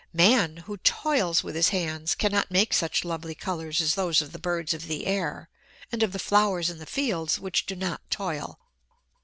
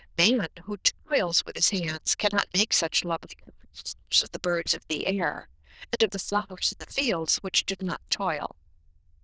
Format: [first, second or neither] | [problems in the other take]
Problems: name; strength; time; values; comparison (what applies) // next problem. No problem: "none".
first | noise reduction (neural diffusion model UNIVERSE++)